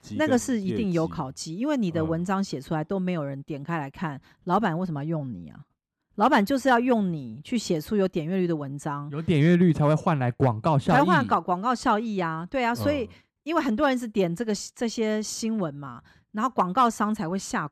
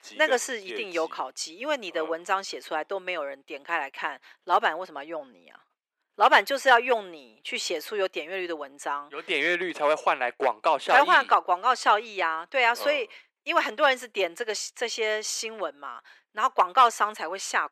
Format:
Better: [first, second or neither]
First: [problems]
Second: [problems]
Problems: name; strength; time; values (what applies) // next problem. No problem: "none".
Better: first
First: none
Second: thin; very; fading below 450 Hz